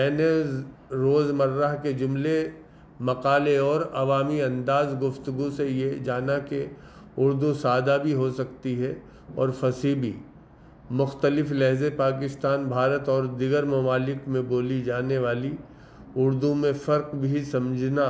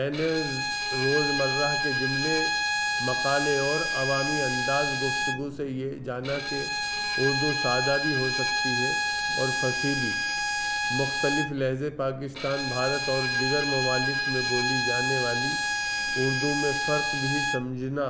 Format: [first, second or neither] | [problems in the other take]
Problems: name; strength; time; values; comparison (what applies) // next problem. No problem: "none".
first | background sound (Bowed string instrument); 2 dB above the speech